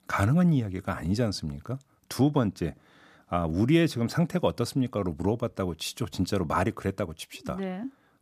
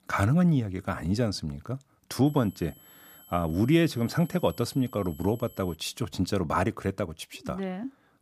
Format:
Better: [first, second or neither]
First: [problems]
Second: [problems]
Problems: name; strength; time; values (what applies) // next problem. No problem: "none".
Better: first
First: none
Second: high-pitched whine; faint; from 2.5 to 6 s; 11.5 kHz, 25 dB below the speech